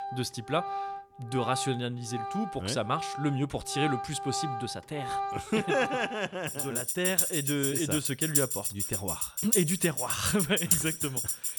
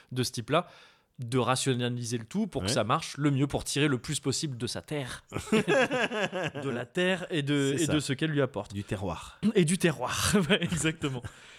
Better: second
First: background music; very loud; throughout; as loud as the speech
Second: none

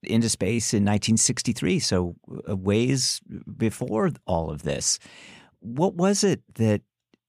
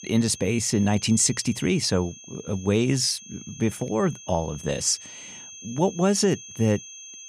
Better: first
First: none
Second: high-pitched whine; noticeable; throughout; 6.5 kHz, 15 dB below the speech

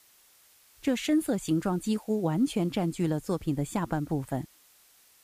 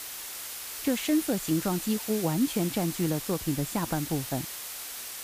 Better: first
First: hiss; faint; throughout; 30 dB below the speech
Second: hiss; loud; throughout; 6 dB below the speech

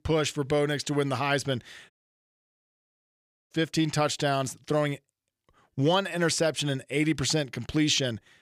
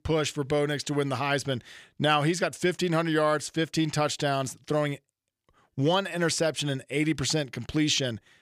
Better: second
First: audio cutting out; at 2 s for 1.5 s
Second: none

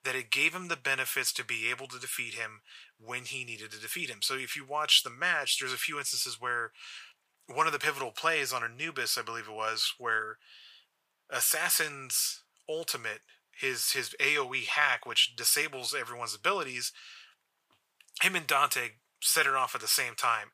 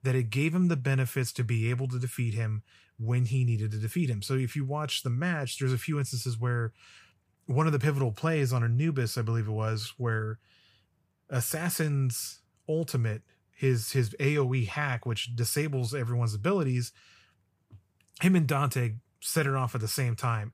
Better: second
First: thin; very; fading below 850 Hz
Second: none

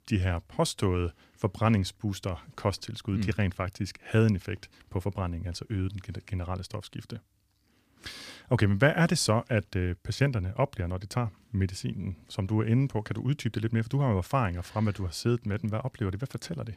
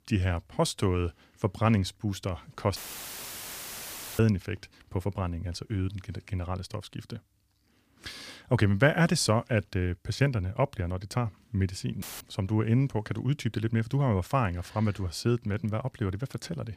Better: first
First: none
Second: audio cutting out; filled with static; at 3 s for 1.5 s and at 12 s

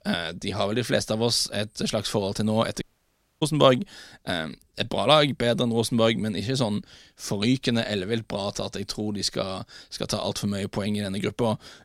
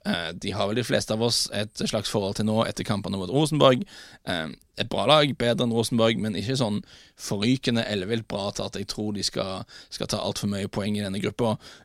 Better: second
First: audio cutting out; at 3 s for 0.5 s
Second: none

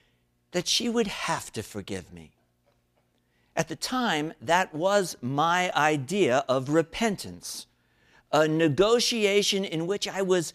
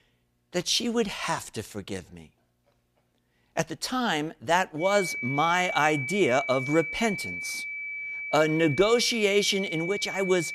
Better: first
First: none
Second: high-pitched whine; loud; from 5 s on; 2.5 kHz, 6 dB below the speech

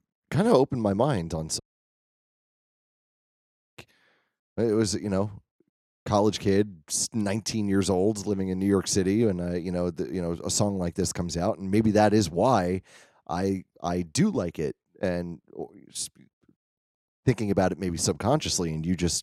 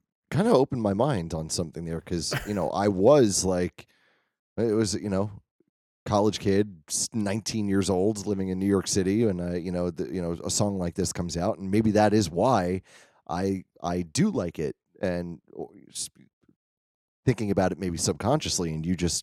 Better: second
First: audio cutting out; at 1.5 s for 2 s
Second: none

